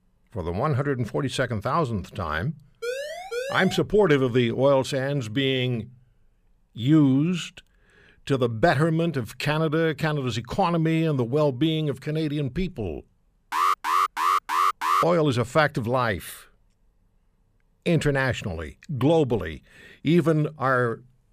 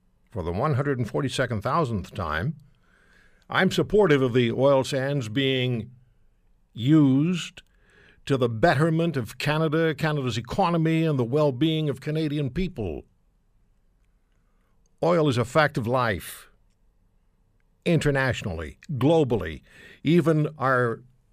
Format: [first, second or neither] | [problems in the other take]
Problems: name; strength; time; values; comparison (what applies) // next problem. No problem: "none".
second | siren; noticeable; at 3 s; peak 7 dB below the speech // alarm; loud; from 14 to 15 s; peak 2 dB above the speech